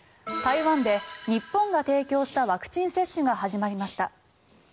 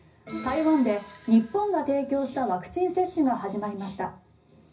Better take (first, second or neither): first